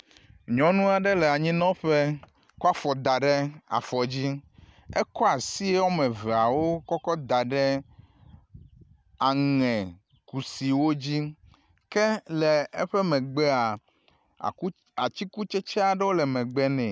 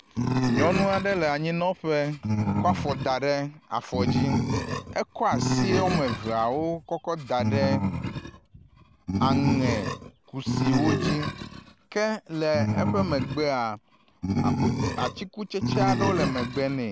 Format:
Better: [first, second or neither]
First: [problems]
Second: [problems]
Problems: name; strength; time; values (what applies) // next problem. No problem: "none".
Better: first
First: none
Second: background sound (Animal); as loud as the speech